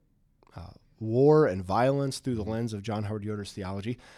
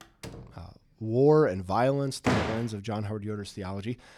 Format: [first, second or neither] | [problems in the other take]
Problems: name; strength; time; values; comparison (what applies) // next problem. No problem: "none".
first | door banging; faint; at the start; peak 15 dB below the speech // door banging; noticeable; at 2.5 s; peak 1 dB below the speech